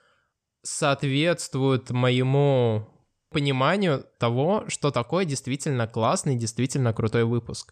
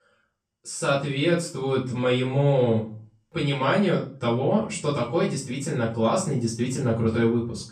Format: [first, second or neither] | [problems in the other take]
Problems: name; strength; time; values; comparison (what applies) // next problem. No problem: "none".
first | off-mic speech; far // room echo; slight; dies away in 0.3 s